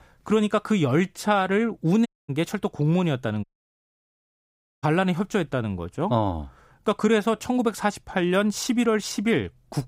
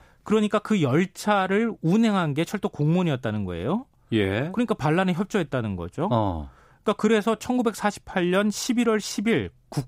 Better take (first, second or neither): second